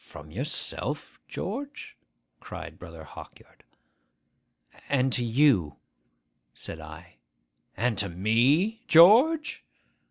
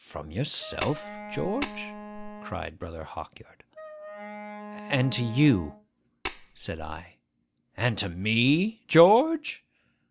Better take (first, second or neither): first